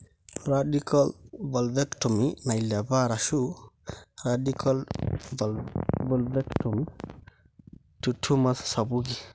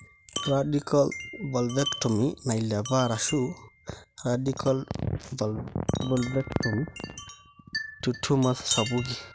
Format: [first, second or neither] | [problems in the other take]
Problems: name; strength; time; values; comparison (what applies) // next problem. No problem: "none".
first | background sound (Wind chime); 11 dB below the speech